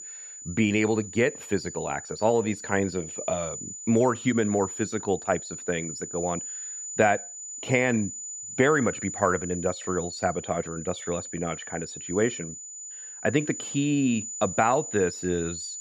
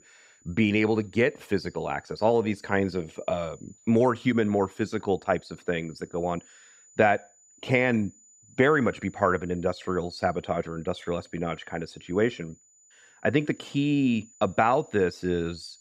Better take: second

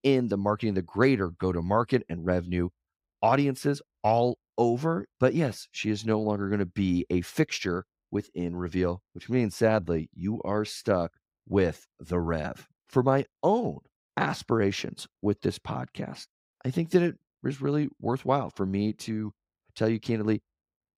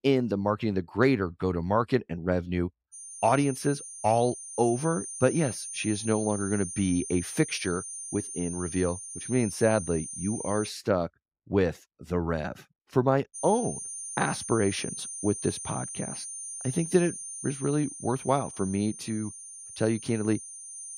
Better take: first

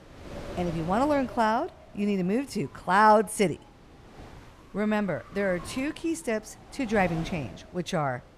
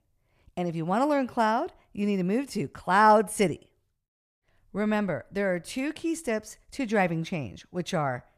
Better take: second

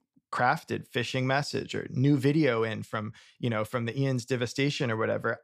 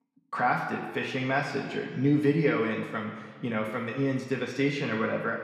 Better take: first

